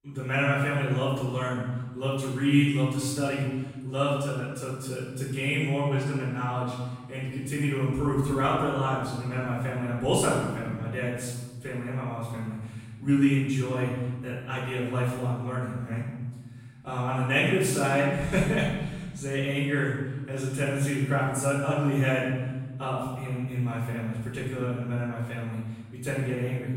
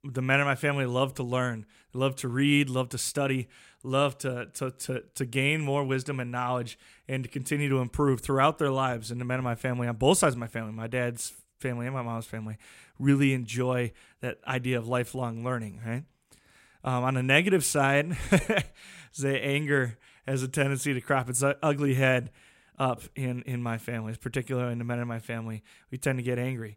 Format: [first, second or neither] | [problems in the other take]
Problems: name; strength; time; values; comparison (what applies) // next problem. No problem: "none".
second | room echo; strong; dies away in 1.4 s // off-mic speech; far